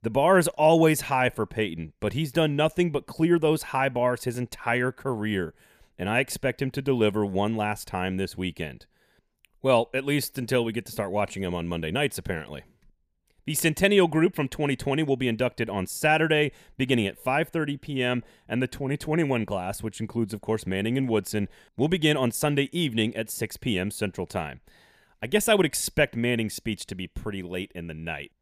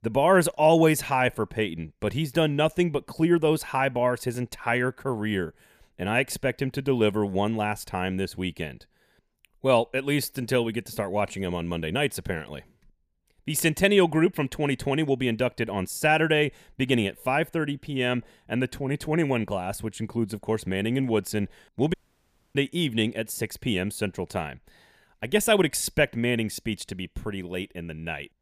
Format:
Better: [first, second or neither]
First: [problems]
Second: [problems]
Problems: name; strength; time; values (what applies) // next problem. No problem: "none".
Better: first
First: none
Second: audio cutting out; at 22 s for 0.5 s